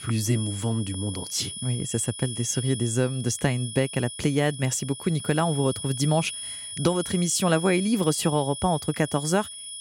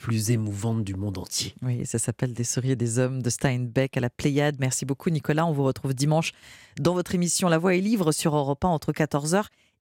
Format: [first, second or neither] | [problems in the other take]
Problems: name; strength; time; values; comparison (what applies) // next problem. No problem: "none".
second | high-pitched whine; loud; throughout; 10 kHz, 8 dB below the speech